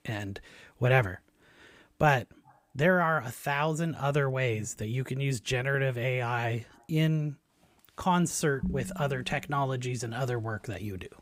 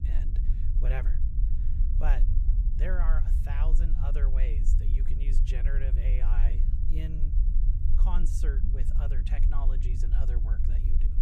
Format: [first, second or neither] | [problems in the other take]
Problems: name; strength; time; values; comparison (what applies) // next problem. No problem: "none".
first | low rumble; loud; throughout; 5 dB below the speech